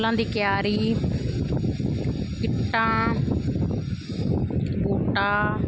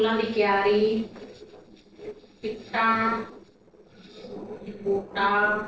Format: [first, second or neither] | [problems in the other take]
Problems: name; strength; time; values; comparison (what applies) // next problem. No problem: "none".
first | noise reduction (neural separator model SepFormer DNS4)